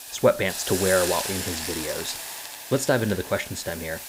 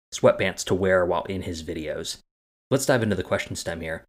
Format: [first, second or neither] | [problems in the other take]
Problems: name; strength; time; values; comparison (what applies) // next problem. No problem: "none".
second | hiss; loud; throughout; 5 dB below the speech